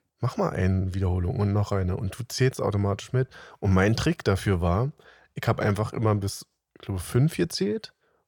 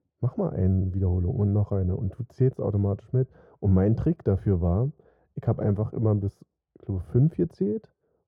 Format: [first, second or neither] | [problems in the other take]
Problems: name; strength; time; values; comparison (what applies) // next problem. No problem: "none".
first | muffled; very; fading above 1 kHz